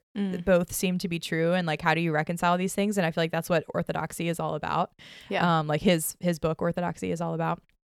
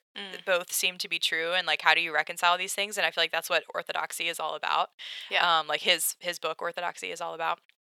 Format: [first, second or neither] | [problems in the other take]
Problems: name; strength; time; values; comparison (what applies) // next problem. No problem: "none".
first | thin; very; fading below 800 Hz